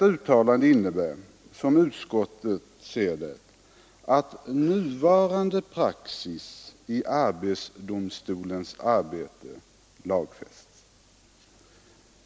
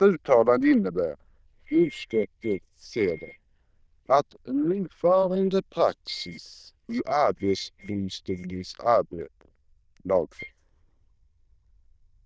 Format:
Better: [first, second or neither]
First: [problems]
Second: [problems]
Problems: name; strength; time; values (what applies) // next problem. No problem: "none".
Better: first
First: none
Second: noise reduction (neural diffusion model UNIVERSE++)